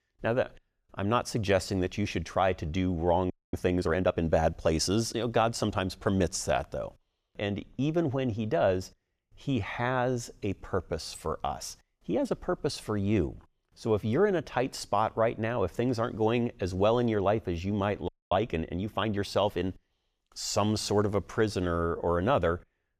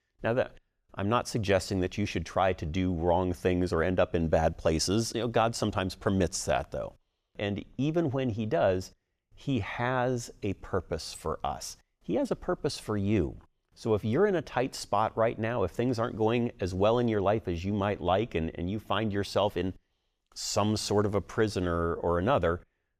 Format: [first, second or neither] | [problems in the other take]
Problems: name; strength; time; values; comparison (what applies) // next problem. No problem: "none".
second | audio freezing; at 3.5 s and at 18 s